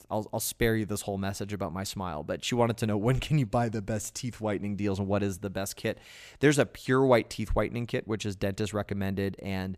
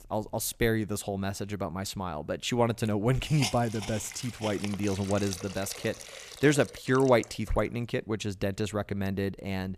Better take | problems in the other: first | hiss; noticeable; throughout; 10 dB below the speech

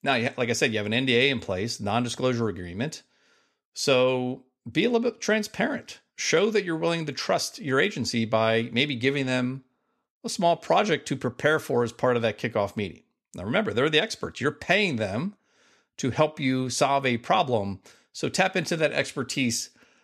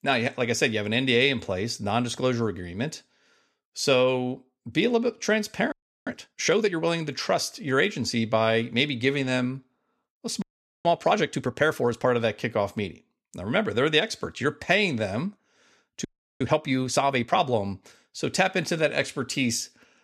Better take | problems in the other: first | audio freezing; at 5.5 s, at 10 s and at 16 s

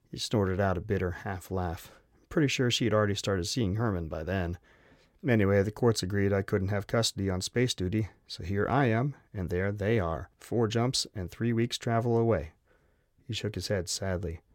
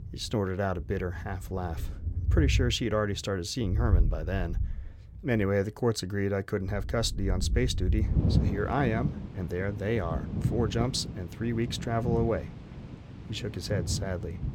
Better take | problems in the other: first | rain or running water; loud; throughout; 2 dB below the speech

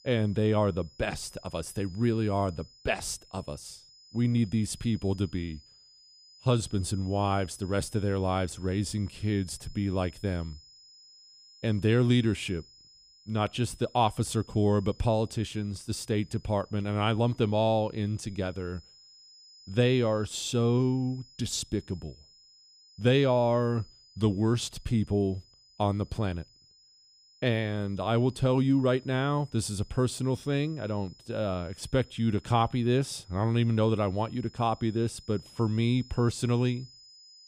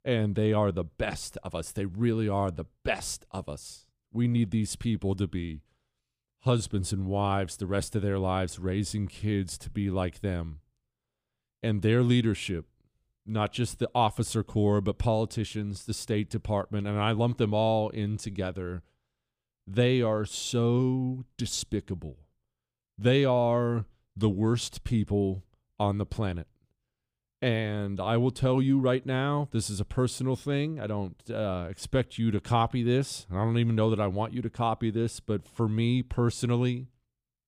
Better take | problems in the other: second | high-pitched whine; faint; throughout; 5 kHz, 25 dB below the speech

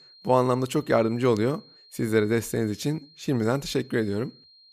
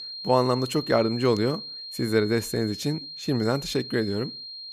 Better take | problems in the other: first | high-pitched whine; loud; throughout; 4 kHz, 10 dB below the speech; faint in the first

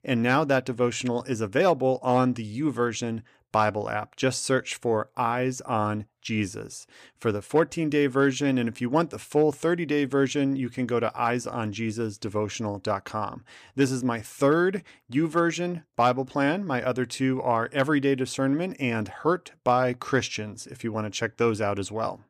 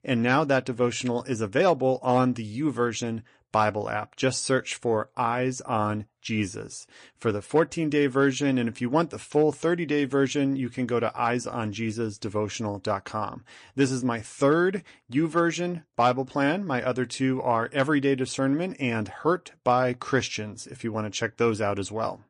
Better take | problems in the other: first | garbled, watery; slightly; nothing above 9 kHz

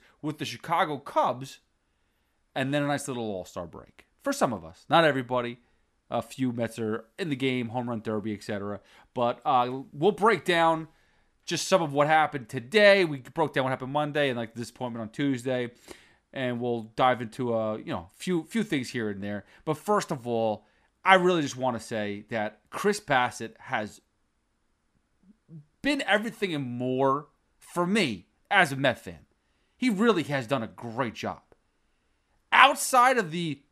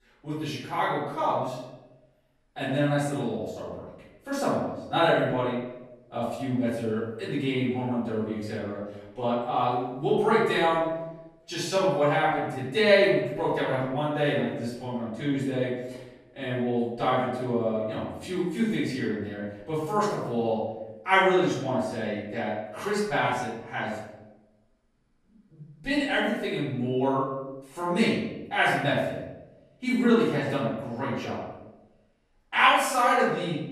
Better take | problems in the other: first | room echo; noticeable; dies away in 0.9 s // off-mic speech; far

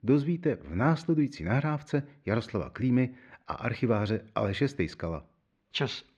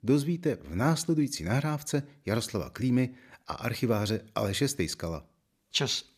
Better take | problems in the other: second | muffled; slightly; fading above 2.5 kHz

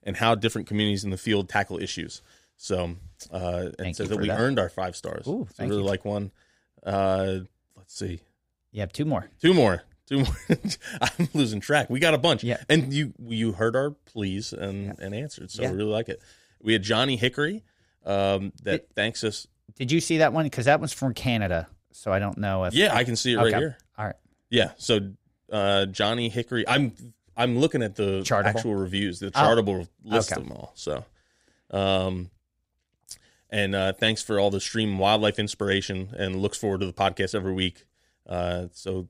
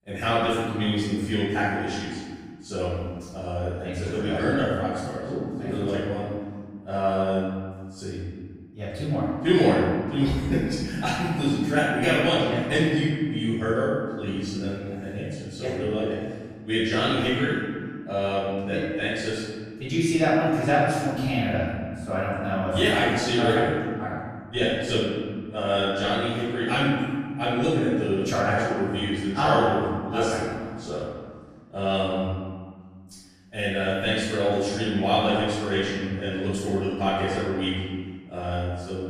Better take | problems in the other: first | room echo; strong; dies away in 1.8 s // off-mic speech; far

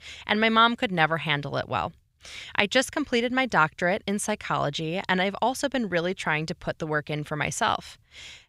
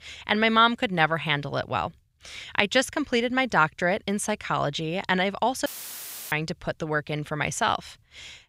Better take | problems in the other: first | audio cutting out; filled with static; at 5.5 s for 0.5 s

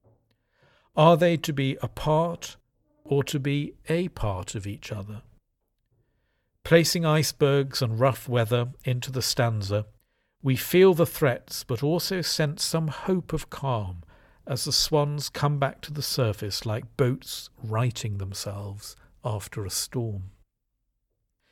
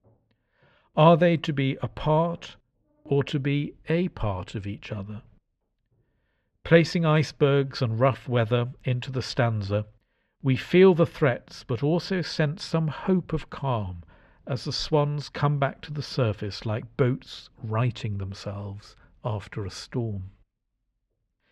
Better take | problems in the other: first | muffled; slightly; fading above 3 kHz

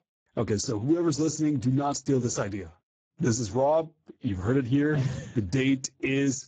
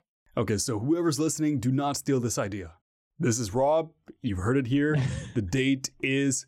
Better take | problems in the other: second | garbled, watery; badly; nothing above 7.5 kHz

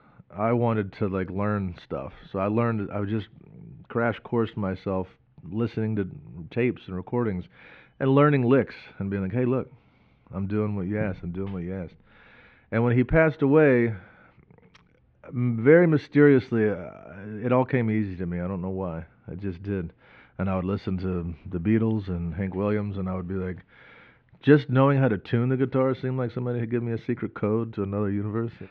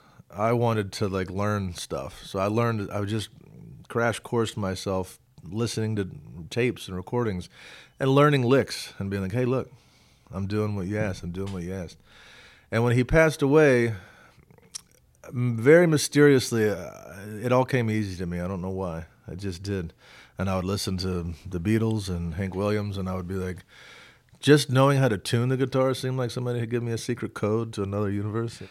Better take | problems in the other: second | muffled; very; fading above 2.5 kHz

